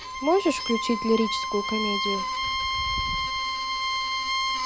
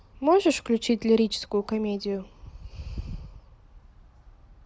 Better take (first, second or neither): second